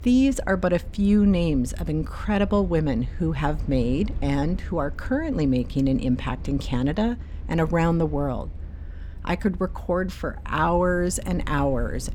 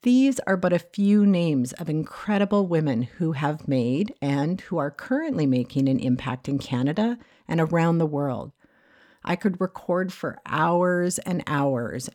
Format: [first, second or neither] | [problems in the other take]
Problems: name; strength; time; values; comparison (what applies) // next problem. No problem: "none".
second | low rumble; faint; throughout; 25 dB below the speech